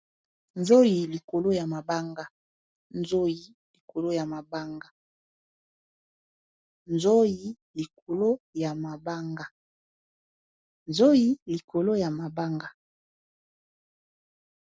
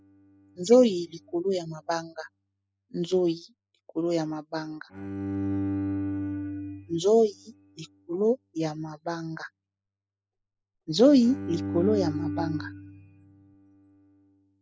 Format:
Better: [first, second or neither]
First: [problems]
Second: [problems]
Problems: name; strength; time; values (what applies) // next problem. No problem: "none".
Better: first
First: none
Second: noise reduction (classical method spectral subtraction)